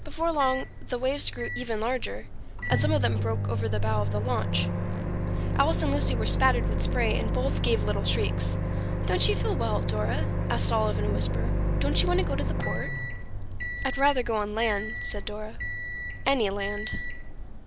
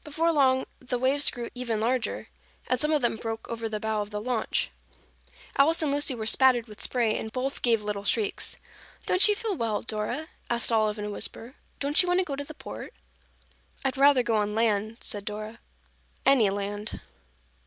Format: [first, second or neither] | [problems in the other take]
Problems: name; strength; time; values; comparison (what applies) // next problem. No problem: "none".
second | background sound (Microwave oven); 3 dB above the speech